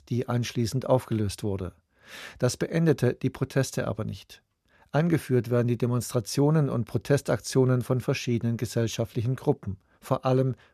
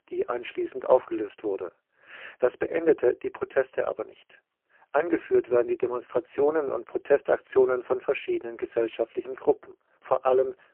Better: first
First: none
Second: phone-call audio; poor line

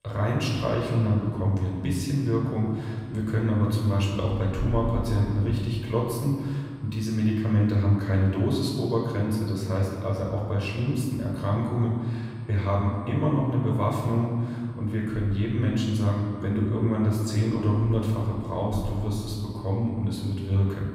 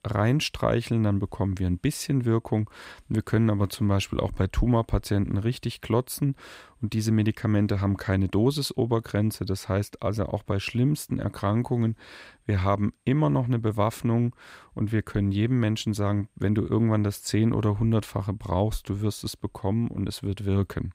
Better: second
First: off-mic speech; far // room echo; noticeable; dies away in 1.8 s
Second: none

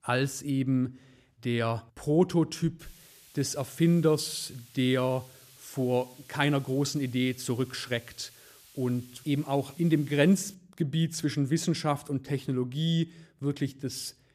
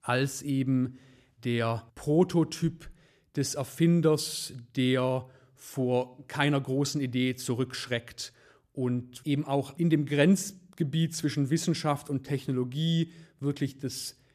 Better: second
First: hiss; faint; from 3 to 11 s; 25 dB below the speech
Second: none

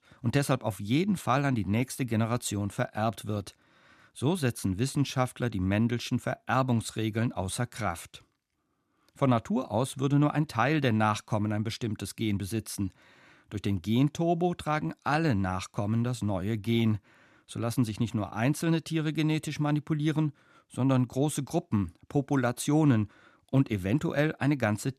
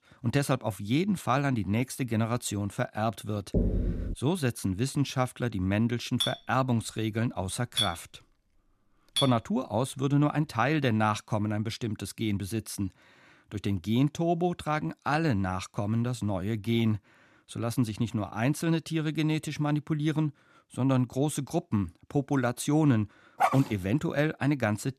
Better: first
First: none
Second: door banging; loud; at 3.5 s; peak level with the speech // clattering dishes; noticeable; from 6 to 9.5 s; peak level with the speech // dog barking; loud; at 23 s; peak 1 dB above the speech

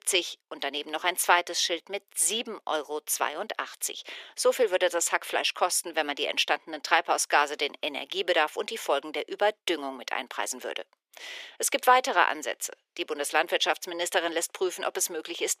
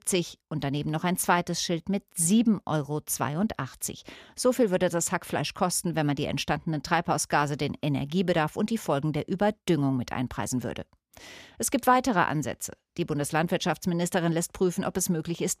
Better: second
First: thin; very; fading below 400 Hz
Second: none

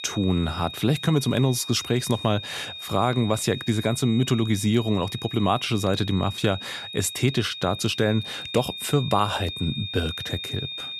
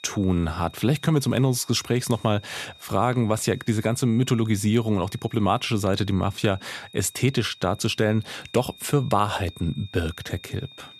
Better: second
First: high-pitched whine; loud; throughout; 3.5 kHz, 9 dB below the speech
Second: high-pitched whine; faint; throughout; 3.5 kHz, 25 dB below the speech

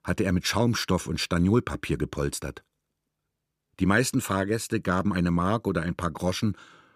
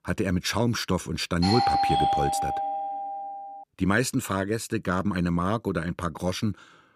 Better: first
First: none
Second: doorbell; loud; from 1.5 to 3.5 s; peak 4 dB above the speech

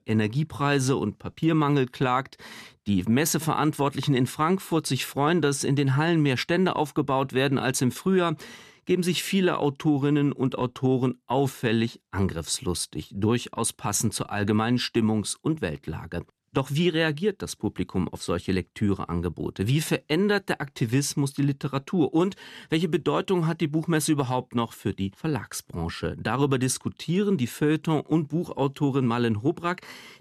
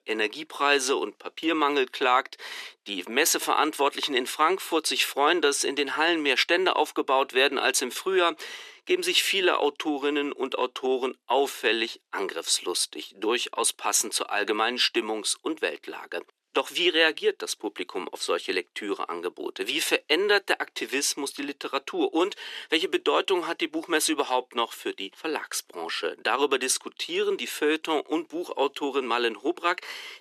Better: first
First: none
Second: thin; very; fading below 350 Hz

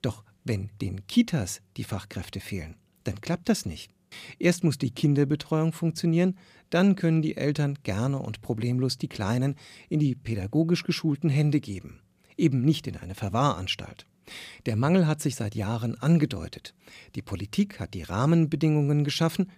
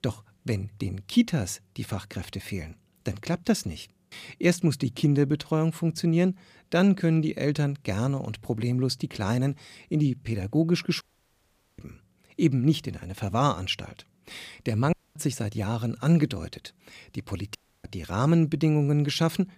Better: first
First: none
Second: audio cutting out; at 11 s for 1 s, at 15 s and at 18 s

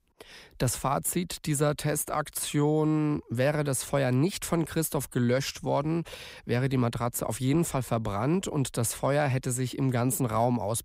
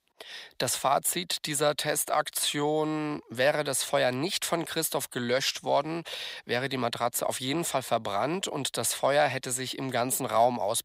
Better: first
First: none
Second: thin; somewhat; fading below 550 Hz

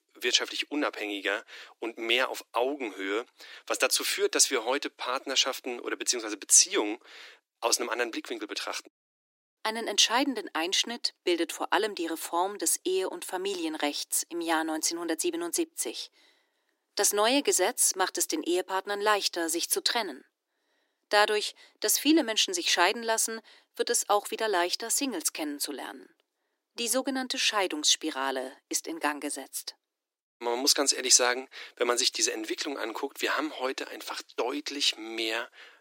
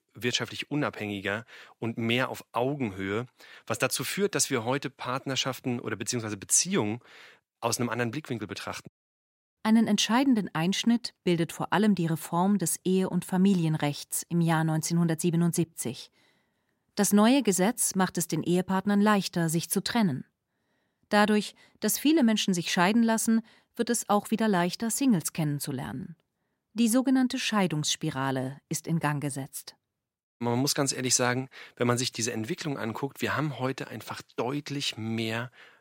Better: second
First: thin; somewhat; fading below 300 Hz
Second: none

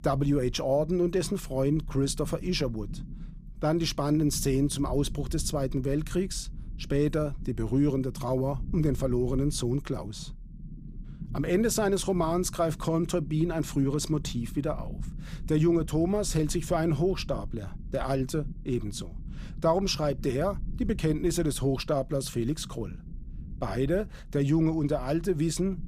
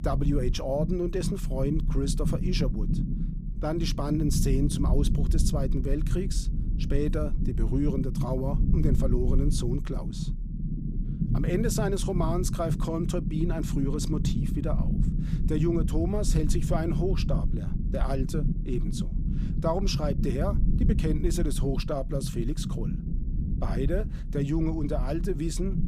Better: first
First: low rumble; faint; throughout; 20 dB below the speech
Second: low rumble; loud; throughout; 7 dB below the speech

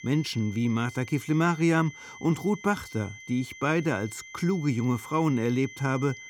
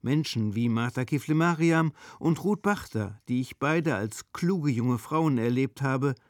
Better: second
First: high-pitched whine; noticeable; throughout; 2 kHz, 15 dB below the speech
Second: none

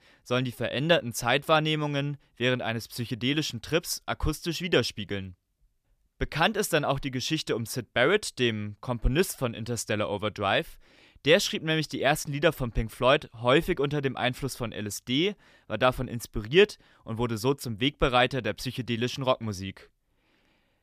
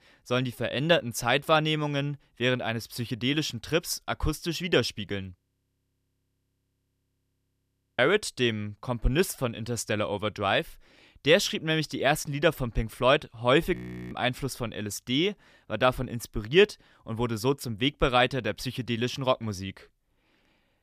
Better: first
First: none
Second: audio freezing; at 5.5 s for 2.5 s and at 14 s

